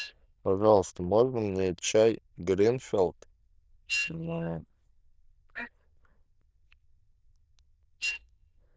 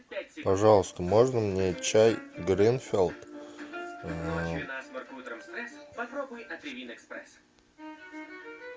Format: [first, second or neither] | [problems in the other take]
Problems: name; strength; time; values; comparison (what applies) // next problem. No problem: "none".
second | noise reduction (neural diffusion model UNIVERSE++)